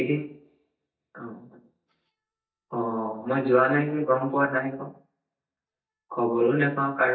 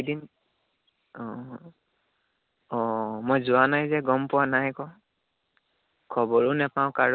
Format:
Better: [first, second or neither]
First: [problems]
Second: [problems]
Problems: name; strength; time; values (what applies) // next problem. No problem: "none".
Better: second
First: noise reduction (neural mask model DeepFilterNet 3)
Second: none